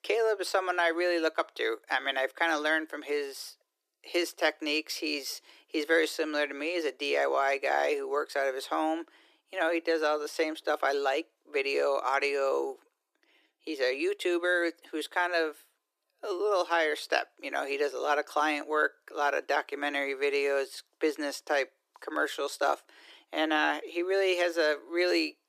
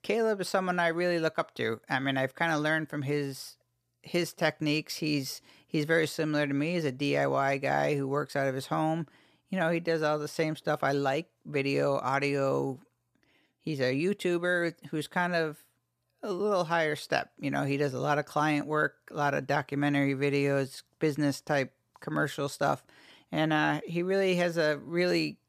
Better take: second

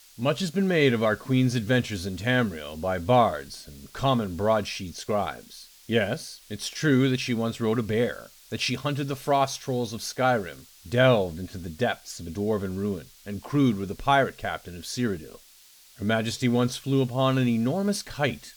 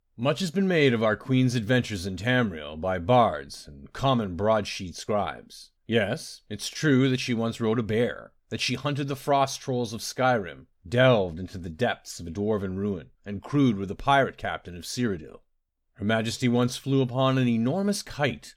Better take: second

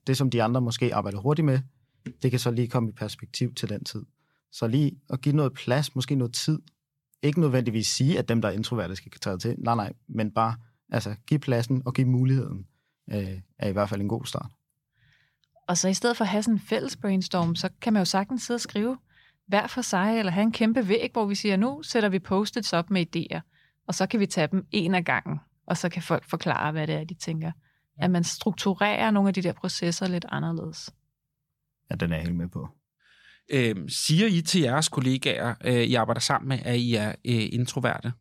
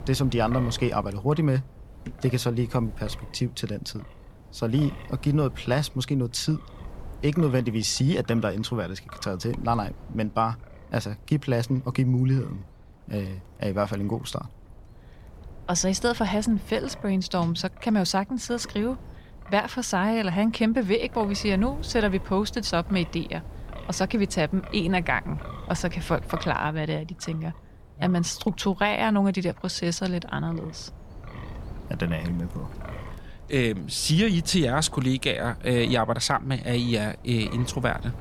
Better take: first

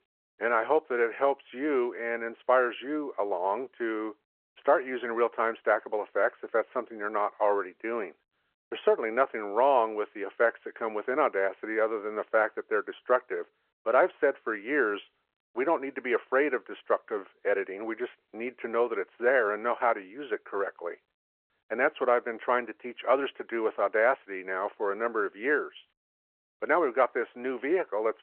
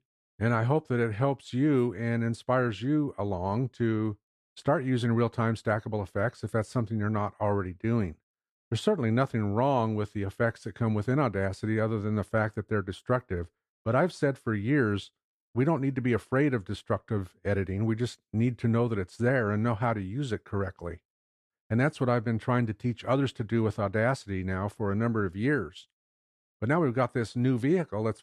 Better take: second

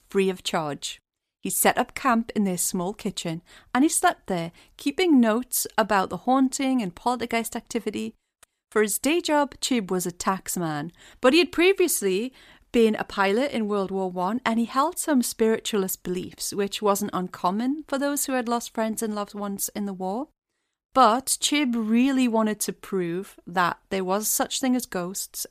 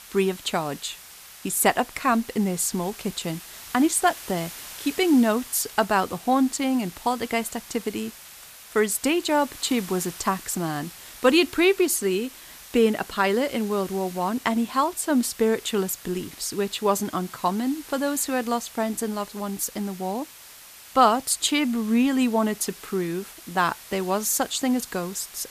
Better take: first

